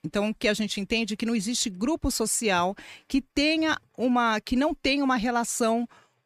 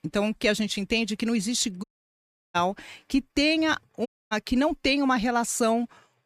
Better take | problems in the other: first | audio cutting out; at 2 s for 0.5 s and at 4 s

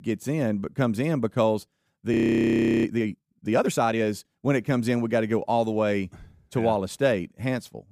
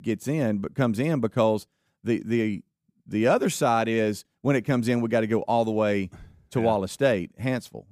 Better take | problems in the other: second | audio freezing; at 2 s for 0.5 s

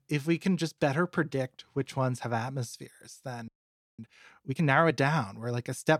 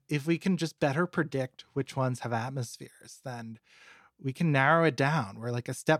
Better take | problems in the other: second | audio freezing; at 3.5 s for 0.5 s

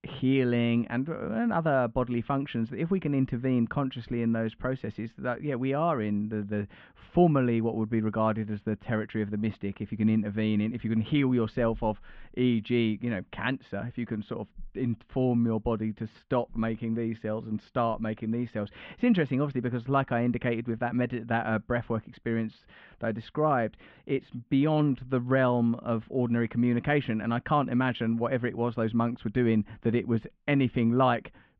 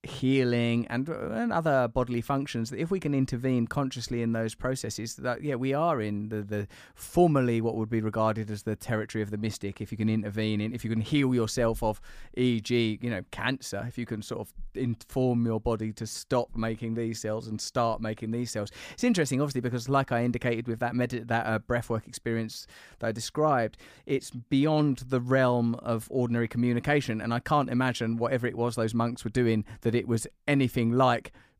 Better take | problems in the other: second | muffled; very; fading above 3 kHz

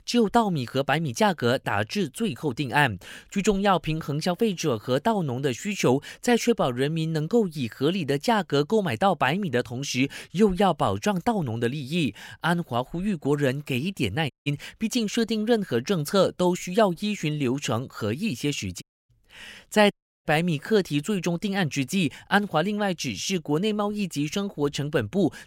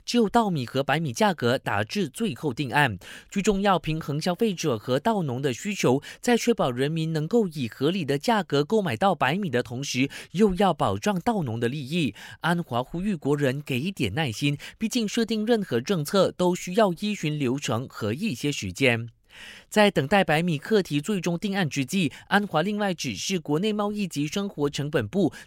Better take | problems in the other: second | audio cutting out; at 14 s, at 19 s and at 20 s

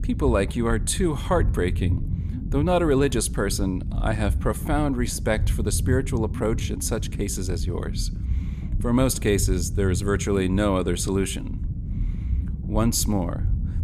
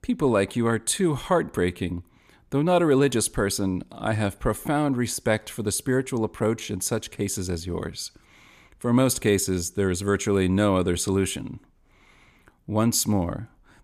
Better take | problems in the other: second | low rumble; noticeable; throughout; 15 dB below the speech

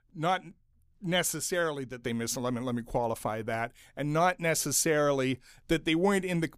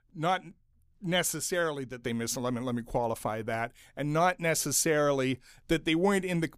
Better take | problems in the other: neither | none

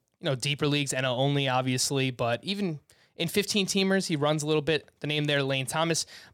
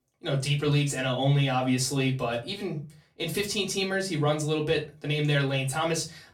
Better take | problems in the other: first | off-mic speech; far // room echo; very slight; dies away in 0.3 s

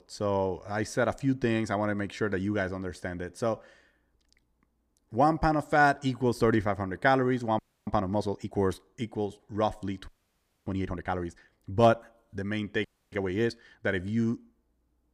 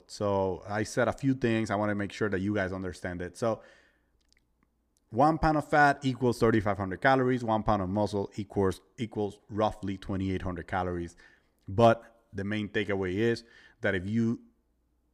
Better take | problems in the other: second | audio freezing; at 7.5 s, at 10 s for 0.5 s and at 13 s

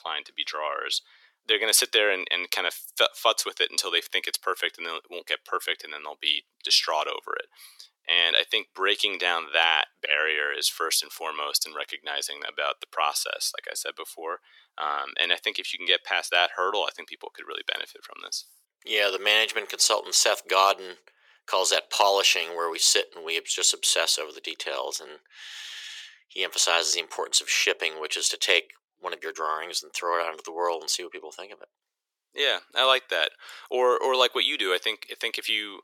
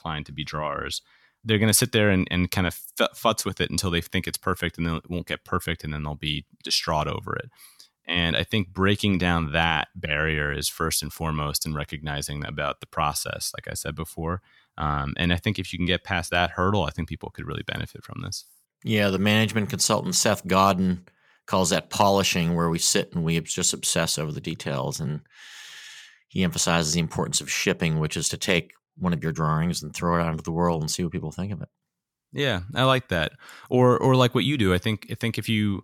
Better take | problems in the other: second | thin; very; fading below 400 Hz

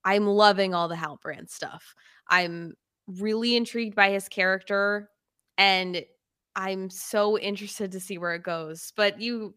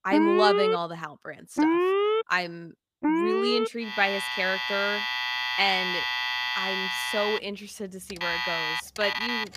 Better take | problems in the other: first | alarms or sirens; very loud; throughout; 3 dB above the speech

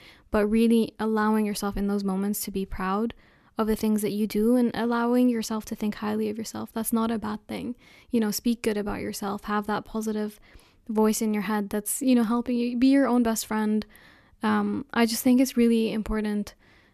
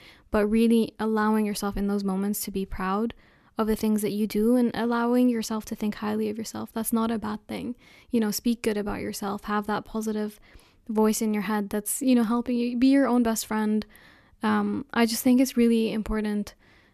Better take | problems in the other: neither | none

